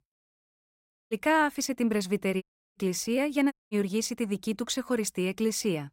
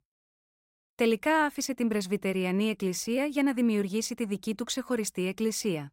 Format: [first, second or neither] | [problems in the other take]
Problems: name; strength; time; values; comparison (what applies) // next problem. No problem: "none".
second | audio cutting out; at 1 s, at 2.5 s and at 3.5 s